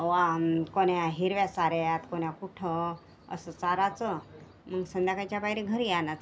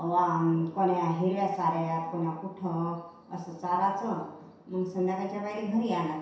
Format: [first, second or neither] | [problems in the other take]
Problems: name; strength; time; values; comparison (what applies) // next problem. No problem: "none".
first | room echo; dies away in 0.7 s